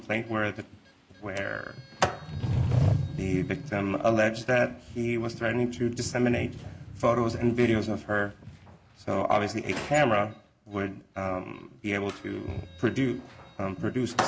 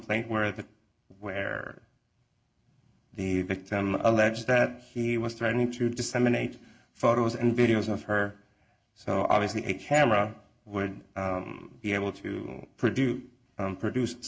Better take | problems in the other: second | background sound (Sliding door); 6 dB below the speech

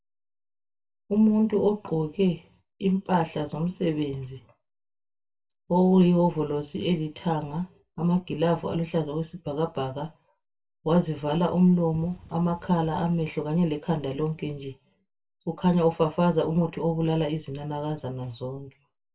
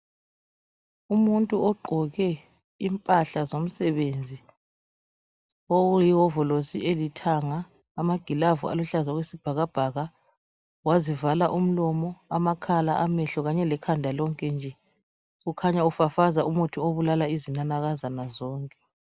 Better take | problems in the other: second | background sound (Wind); 20 dB below the speech // room echo; dies away in 0.2 s

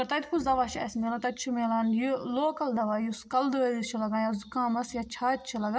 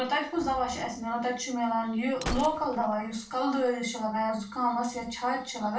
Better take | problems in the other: first | background sound (Gunshot, gunfire); 12 dB below the speech // room echo; dies away in 0.3 s

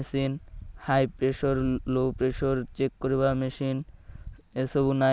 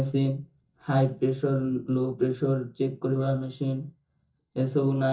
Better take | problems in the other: first | noise reduction (neural mask model DeepFilterNet 3)

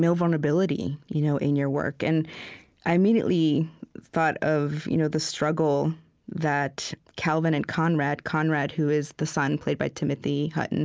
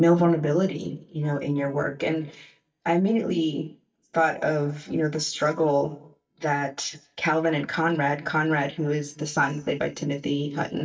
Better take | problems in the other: first | noise reduction (neural mask model DeepFilterNet 3)

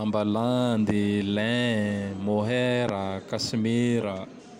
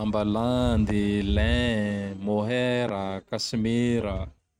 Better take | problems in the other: first | noise reduction (neural mask model RNNoise)

